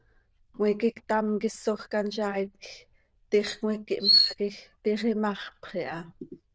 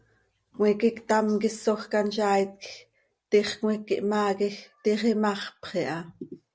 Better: second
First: noise reduction (neural diffusion model UNIVERSE++)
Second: none

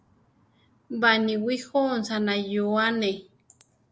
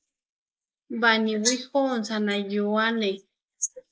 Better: first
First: none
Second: noise reduction (neural mask model Resemble Enhance denoiser)

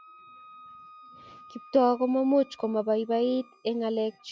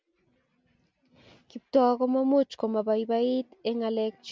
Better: second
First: noise reduction (classical method log-MMSE)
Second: none

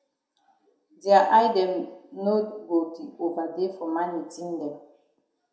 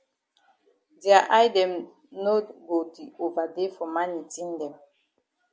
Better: second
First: room echo; dies away in 0.6 s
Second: none

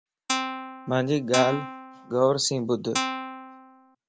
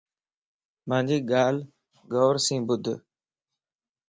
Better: second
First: background sound (Guitar); 5 dB below the speech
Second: none

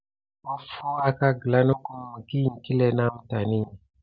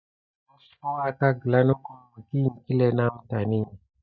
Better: first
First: none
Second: noise reduction (neural mask model DeepFilterNet 3)

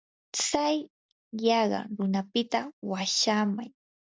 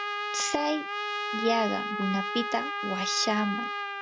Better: first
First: none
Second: background sound (Trumpet); 2 dB below the speech

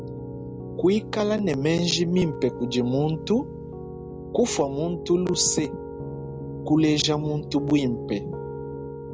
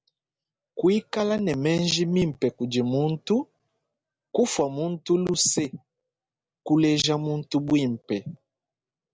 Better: second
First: background sound (Piano); 9 dB below the speech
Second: none

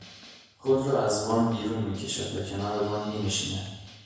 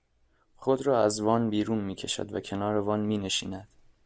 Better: second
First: background sound (Drum kit); 19 dB below the speech // room echo; dies away in 1 s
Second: none

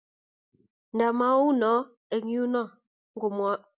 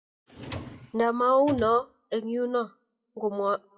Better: first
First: none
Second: noise reduction (classical method WPE with log-MMSE)

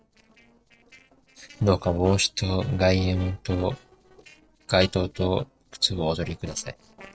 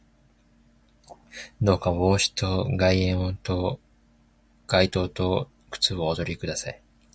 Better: second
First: noise reduction (neural separator model SepFormer DNS4)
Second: none

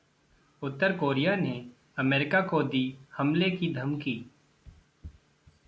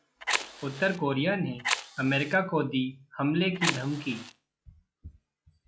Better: first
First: none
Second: noise reduction (classical method log-MMSE)

